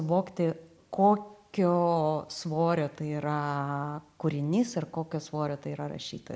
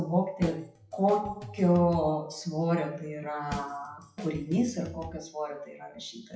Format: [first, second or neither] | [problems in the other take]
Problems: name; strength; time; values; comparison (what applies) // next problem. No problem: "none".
first | noise reduction (classical method WPE with log-MMSE)